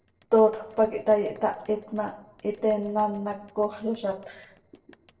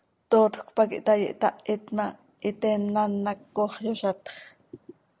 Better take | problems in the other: second | noise reduction (neural separator model SepFormer DNS4)

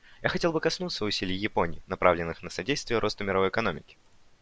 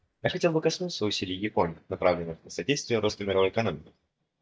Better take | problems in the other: first | noise reduction (neural mask model DeepFilterNet 3)

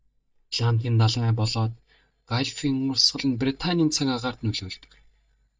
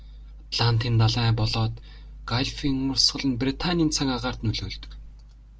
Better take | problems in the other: second | noise reduction (neural mask model DeepFilterNet 3)

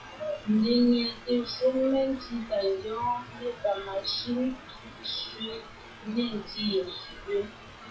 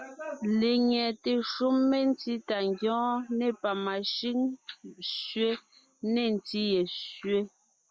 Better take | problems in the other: second | noise reduction (classical method WPE with log-MMSE)

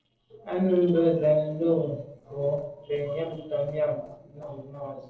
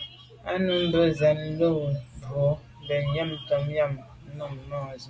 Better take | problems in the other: second | noise reduction (neural separator model SepFormer DNS4)

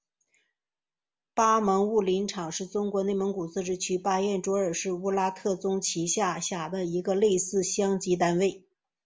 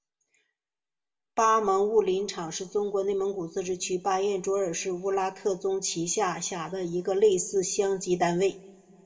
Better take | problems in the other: first | room echo; dies away in 1 s

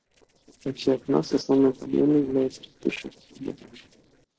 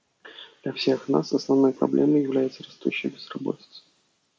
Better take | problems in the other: second | noise reduction (neural separator model SepFormer DNS4)

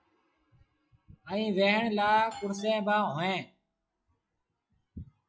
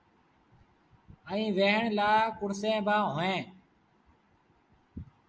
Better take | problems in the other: second | noise reduction (classical method log-MMSE)

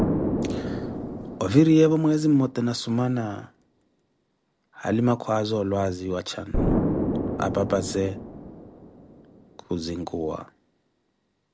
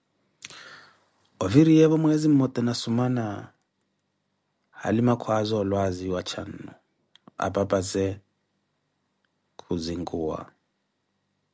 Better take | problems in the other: second | background sound (Explosion); 5 dB below the speech

